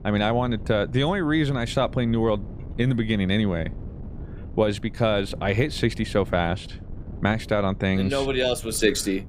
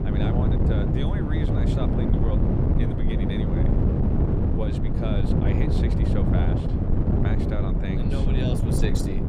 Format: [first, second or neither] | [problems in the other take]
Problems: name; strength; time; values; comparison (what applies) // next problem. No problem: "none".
first | wind noise on the microphone; heavy; 4 dB above the speech; occasional gusts in the first